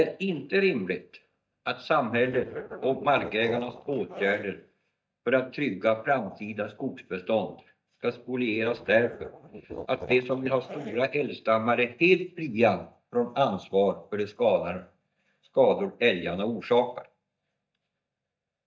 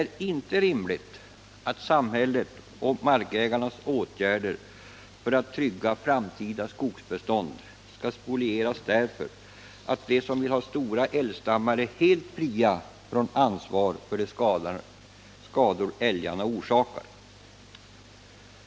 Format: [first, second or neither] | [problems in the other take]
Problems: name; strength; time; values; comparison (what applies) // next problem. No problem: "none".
second | noise reduction (neural mask model DeepFilterNet 3)